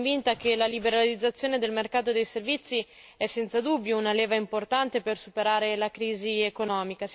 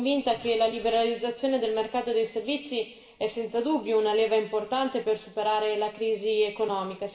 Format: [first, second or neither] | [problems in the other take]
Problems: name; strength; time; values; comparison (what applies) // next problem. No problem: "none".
first | room echo; dies away in 0.9 s